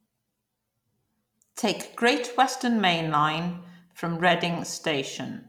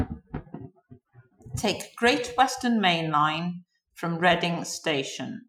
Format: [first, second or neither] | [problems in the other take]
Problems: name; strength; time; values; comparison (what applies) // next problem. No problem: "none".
first | noise reduction (classical method Wiener filter)